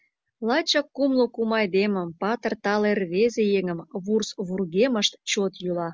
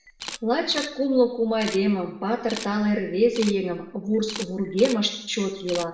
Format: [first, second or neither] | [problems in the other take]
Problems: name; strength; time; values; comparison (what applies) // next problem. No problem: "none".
first | background sound (Camera); 16 dB below the speech // room echo; dies away in 0.7 s